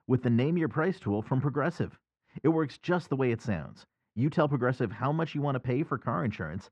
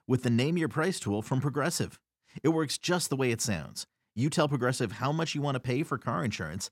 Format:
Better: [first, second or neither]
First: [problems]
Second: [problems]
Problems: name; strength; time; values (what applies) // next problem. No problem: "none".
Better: second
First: muffled; very; fading above 2 kHz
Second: none